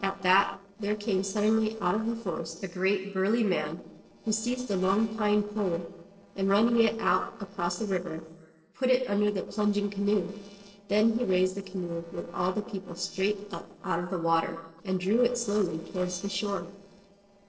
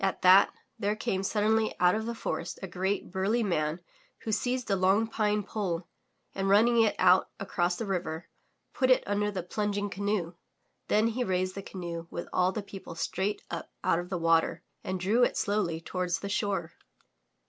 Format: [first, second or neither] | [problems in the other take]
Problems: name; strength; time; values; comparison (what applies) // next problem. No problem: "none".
second | noise reduction (neural separator model SepFormer DNS4)